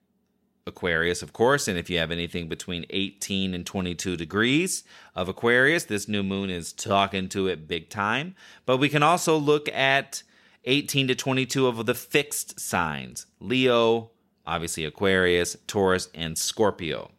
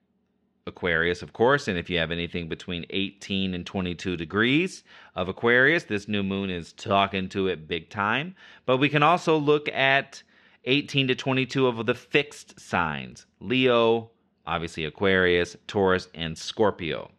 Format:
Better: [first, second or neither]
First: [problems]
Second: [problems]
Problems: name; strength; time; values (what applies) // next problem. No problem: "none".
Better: first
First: none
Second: muffled; slightly; fading above 3 kHz